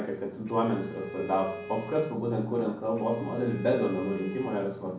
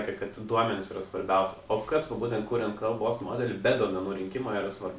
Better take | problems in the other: second | background sound (Bowed string instrument); 14 dB below the speech // room echo; dies away in 0.6 s

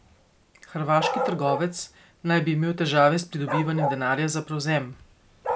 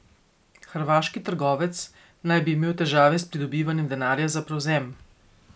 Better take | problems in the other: second | background sound (Bark); 8 dB below the speech

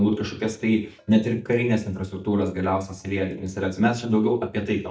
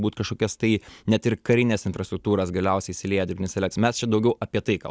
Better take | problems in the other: second | noise reduction (neural mask model DeepFilterNet 3)

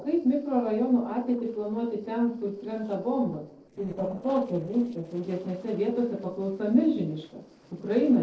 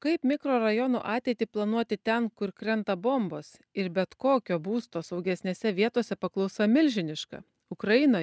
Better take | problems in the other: second | noise reduction (neural separator model SepFormer DNS4)

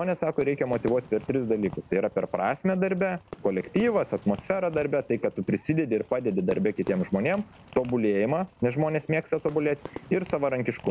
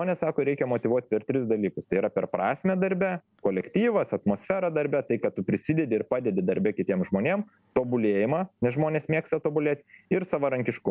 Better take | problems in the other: second | background sound (Fireworks); 19 dB below the speech

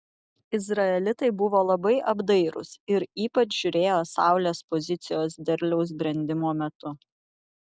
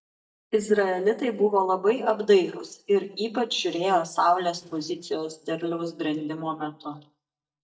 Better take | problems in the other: first | noise reduction (neural mask model DeepFilterNet 3)

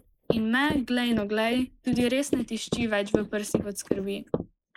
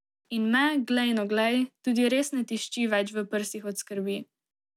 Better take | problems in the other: second | noise reduction (neural mask model Resemble Enhance denoiser)

